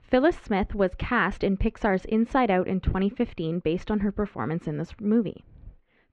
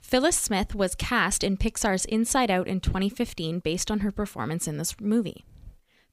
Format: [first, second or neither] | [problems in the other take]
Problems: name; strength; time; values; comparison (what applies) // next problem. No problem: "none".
second | muffled; very; fading above 2.5 kHz